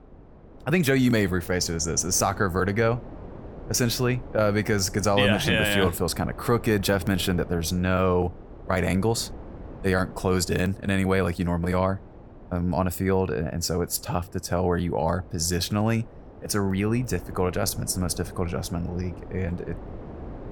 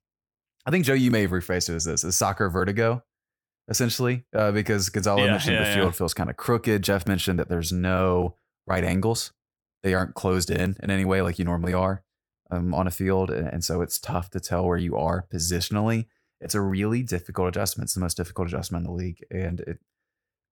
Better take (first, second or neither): second